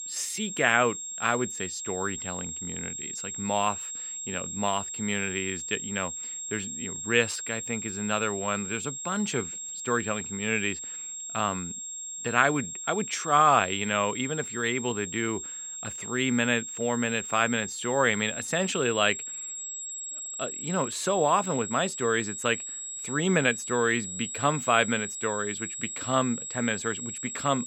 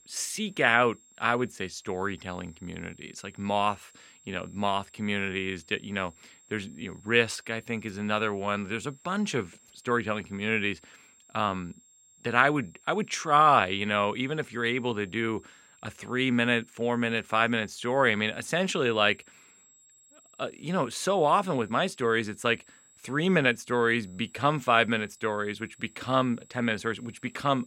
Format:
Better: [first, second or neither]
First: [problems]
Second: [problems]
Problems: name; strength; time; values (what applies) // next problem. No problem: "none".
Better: second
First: high-pitched whine; loud; throughout; 7.5 kHz, 6 dB below the speech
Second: high-pitched whine; faint; throughout; 7.5 kHz, 30 dB below the speech